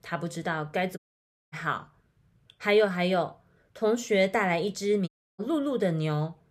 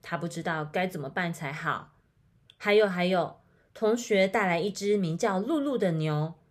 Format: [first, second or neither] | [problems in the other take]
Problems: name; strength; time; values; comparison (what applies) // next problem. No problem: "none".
second | audio cutting out; at 1 s for 0.5 s and at 5 s